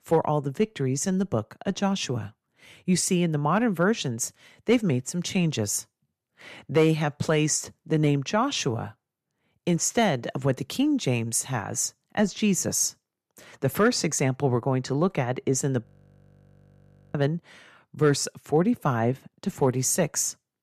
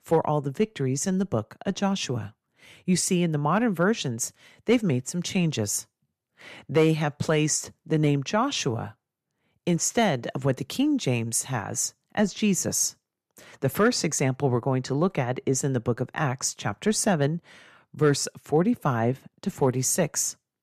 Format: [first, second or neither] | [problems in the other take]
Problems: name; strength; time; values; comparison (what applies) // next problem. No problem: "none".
second | audio freezing; at 16 s for 1.5 s